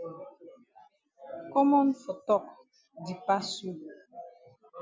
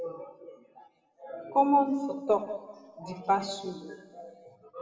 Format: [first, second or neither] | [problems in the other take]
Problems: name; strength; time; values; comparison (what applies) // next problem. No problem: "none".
first | room echo; dies away in 1.4 s